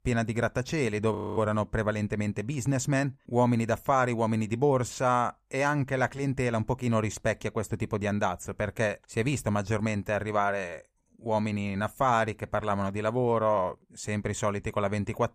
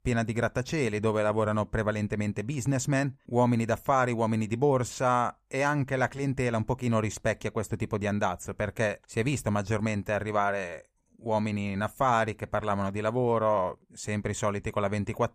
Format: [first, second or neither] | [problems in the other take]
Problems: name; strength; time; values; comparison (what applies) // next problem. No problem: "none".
second | audio freezing; at 1 s